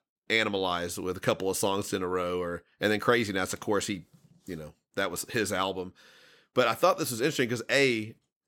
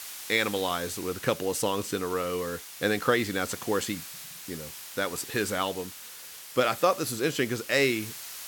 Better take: first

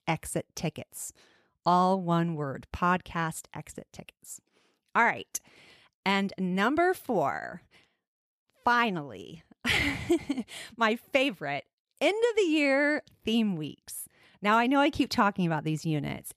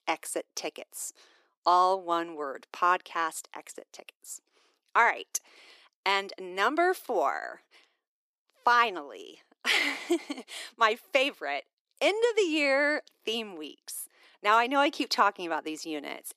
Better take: first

